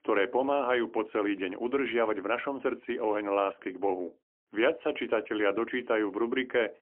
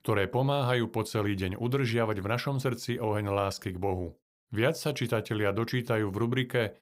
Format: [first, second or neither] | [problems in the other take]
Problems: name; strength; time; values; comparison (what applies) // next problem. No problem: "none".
second | phone-call audio; poor line; nothing above 3 kHz